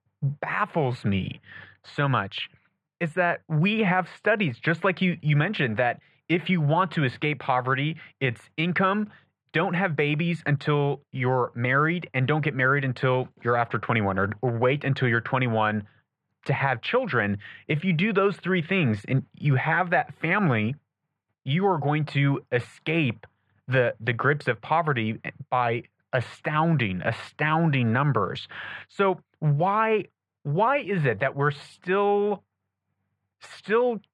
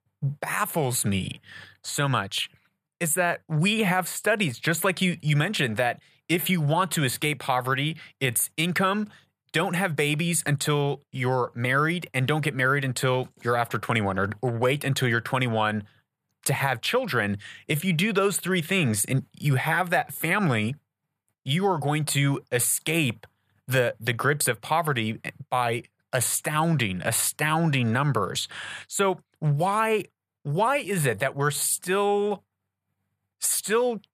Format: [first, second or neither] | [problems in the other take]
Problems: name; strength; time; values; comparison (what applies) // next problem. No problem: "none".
second | muffled; very; fading above 2.5 kHz